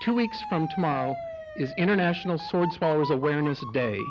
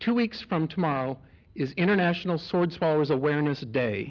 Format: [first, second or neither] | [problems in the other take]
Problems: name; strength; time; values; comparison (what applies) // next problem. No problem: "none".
second | background sound (Motor vehicle (road) / Siren); 10 dB below the speech